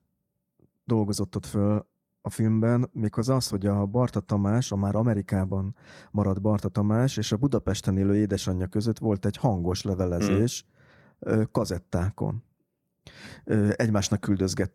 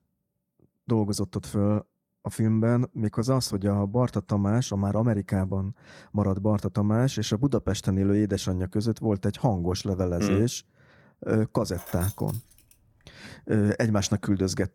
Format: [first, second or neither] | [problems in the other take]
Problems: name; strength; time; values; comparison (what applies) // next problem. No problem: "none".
first | jangling keys; faint; at 12 s; peak 10 dB below the speech